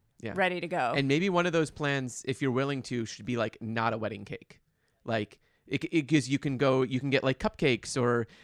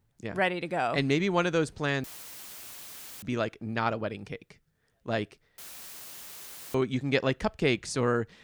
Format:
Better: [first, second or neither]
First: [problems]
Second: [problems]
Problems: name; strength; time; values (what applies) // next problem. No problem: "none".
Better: first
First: none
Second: audio cutting out; filled with static; at 2 s for 1 s and at 5.5 s for 1 s